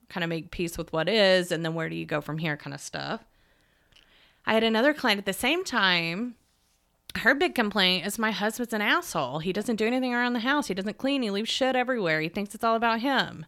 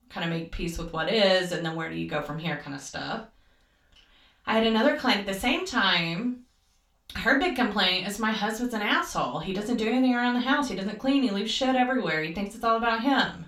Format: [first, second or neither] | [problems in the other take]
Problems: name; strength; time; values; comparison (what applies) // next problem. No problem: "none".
first | room echo; very slight; dies away in 0.2 s // off-mic speech; far